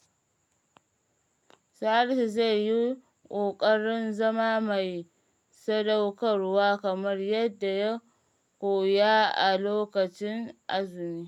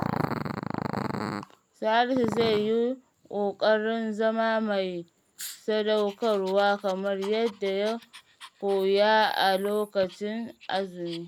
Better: first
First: none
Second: background sound (Growling); 11 dB below the speech

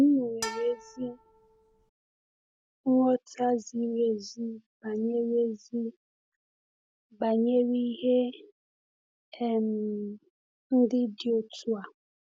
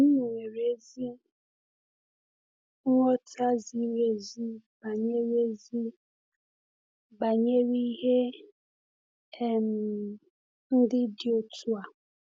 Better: second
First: background sound (Bowed string instrument); 12 dB below the speech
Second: none

